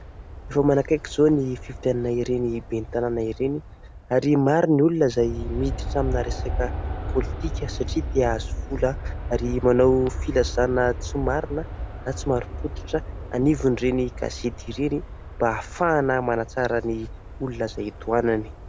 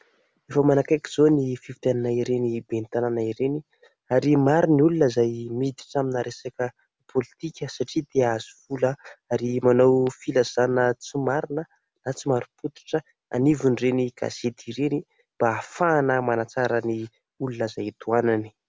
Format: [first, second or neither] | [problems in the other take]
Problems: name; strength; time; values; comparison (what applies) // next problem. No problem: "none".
second | background sound (Aircraft); 8 dB below the speech